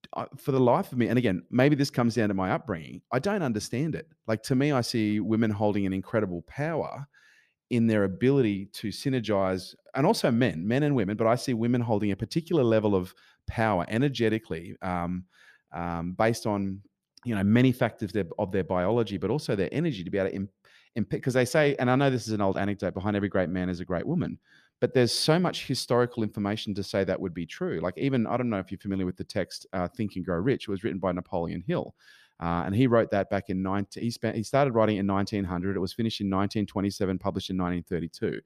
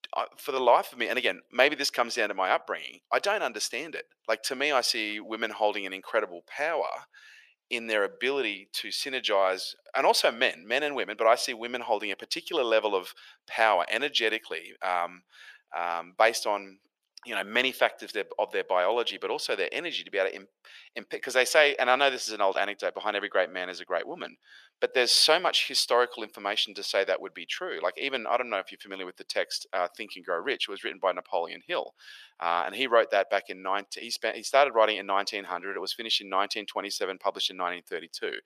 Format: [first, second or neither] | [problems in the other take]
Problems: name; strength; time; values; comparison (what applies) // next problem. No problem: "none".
first | thin; very; fading below 550 Hz